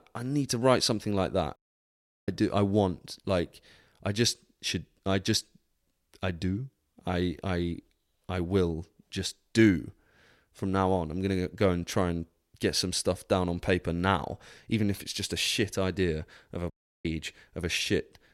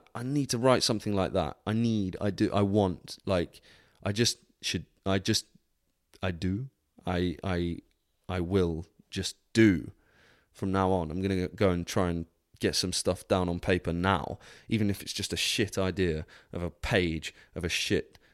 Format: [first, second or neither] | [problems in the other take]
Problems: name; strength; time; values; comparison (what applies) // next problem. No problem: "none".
second | audio cutting out; at 1.5 s for 0.5 s and at 17 s